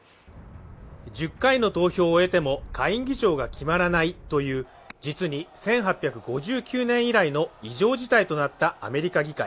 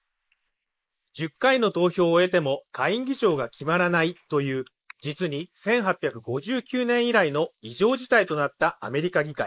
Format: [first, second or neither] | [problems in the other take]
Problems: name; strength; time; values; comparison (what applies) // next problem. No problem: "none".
first | noise reduction (neural mask model Resemble Enhance denoiser)